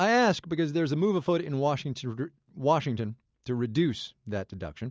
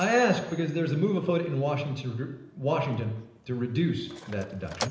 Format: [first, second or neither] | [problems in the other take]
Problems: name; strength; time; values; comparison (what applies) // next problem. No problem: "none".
first | background sound (Mechanisms); 17 dB below the speech // room echo; dies away in 0.9 s